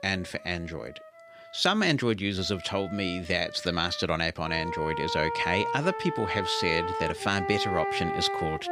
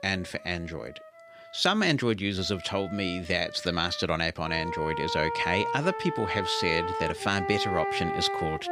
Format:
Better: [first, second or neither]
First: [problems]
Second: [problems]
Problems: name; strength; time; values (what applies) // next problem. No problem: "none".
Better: neither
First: background music; loud; throughout; 5 dB below the speech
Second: background music; loud; throughout; 5 dB below the speech